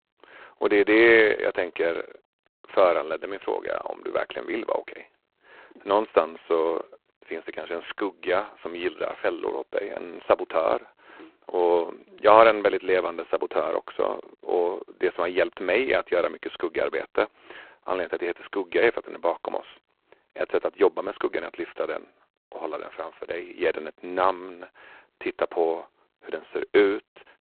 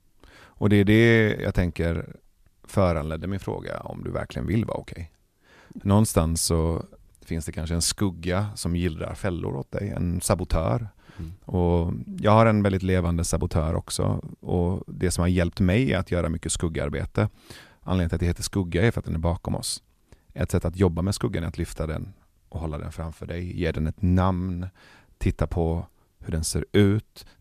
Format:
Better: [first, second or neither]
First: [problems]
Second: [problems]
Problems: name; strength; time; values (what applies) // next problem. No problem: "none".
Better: second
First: phone-call audio; poor line; nothing above 4 kHz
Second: none